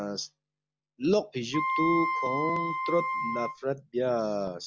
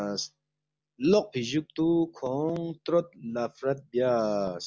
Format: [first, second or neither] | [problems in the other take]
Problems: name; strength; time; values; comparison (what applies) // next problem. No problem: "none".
second | background sound (Wind instrument, woodwind instrument); as loud as the speech